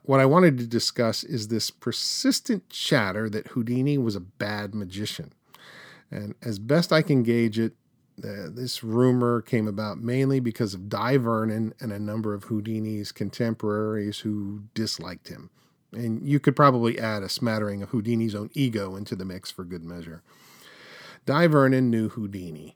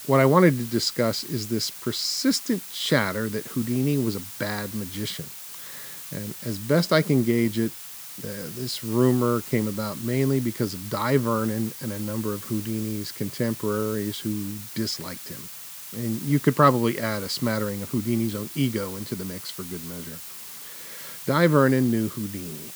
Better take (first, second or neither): first